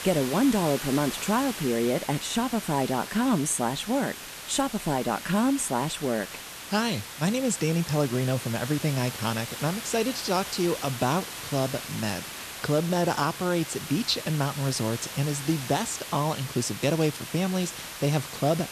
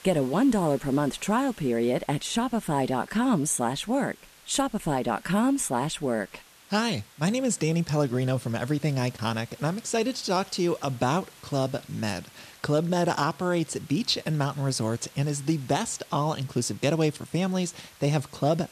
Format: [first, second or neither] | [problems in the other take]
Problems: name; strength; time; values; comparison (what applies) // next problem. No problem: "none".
second | hiss; loud; throughout; 9 dB below the speech; faint in the second